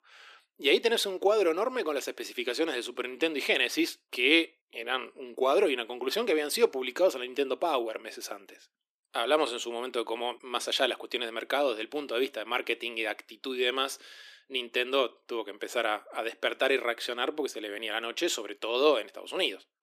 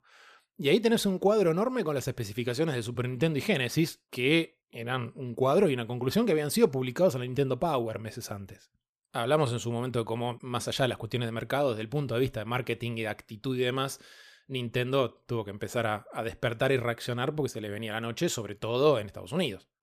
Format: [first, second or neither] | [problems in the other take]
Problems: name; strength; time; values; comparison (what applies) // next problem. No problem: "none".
second | thin; somewhat; fading below 300 Hz